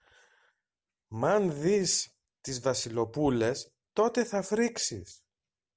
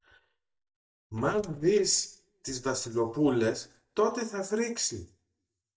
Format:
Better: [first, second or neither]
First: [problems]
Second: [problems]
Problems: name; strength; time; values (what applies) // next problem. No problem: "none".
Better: first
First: none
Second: noise reduction (neural mask model DeepFilterNet 3)